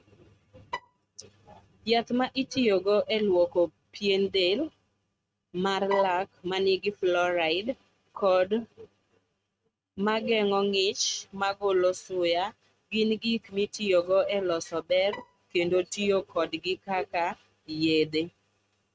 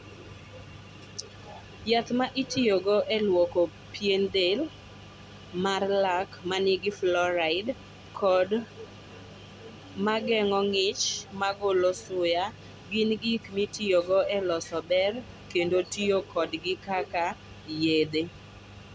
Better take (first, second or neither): second